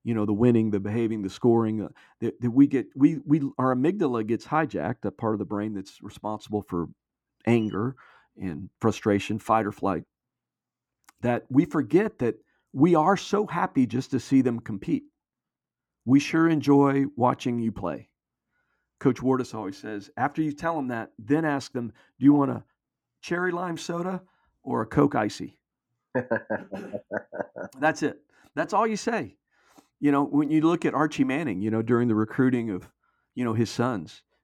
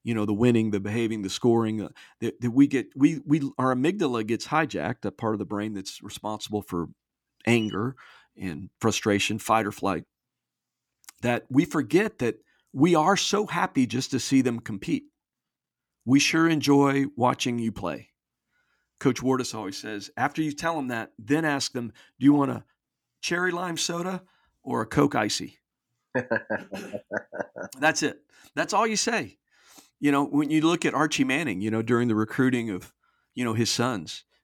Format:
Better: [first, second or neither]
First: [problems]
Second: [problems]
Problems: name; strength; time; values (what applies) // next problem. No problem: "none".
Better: second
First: muffled; slightly; fading above 2 kHz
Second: none